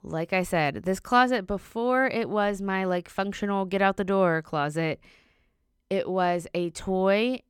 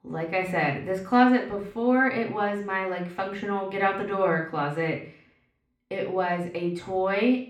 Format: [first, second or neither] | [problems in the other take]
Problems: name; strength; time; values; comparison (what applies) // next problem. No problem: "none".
first | room echo; slight; dies away in 0.5 s // off-mic speech; far